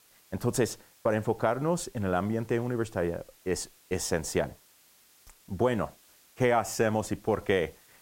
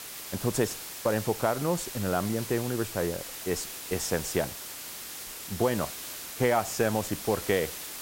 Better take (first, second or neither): first